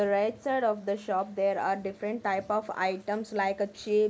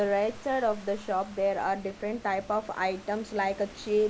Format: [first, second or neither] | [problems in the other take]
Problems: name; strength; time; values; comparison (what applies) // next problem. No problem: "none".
first | background sound (Rain / Thunderstorm); 18 dB below the speech